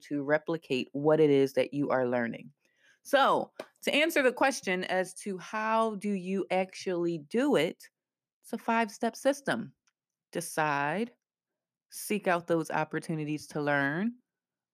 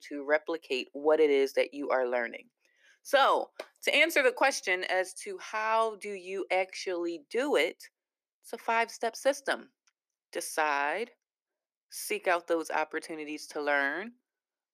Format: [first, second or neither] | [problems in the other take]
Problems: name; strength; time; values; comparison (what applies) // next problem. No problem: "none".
first | thin; somewhat; fading below 350 Hz